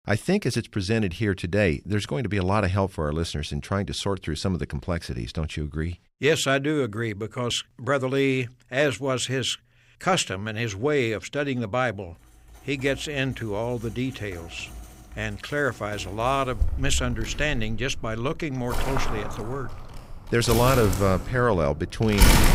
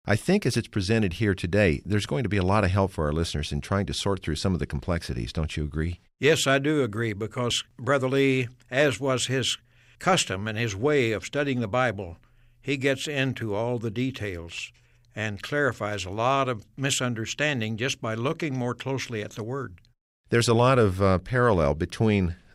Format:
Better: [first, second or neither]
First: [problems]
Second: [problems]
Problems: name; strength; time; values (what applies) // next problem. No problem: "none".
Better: second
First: household noises; loud; from 13 s on; 5 dB below the speech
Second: none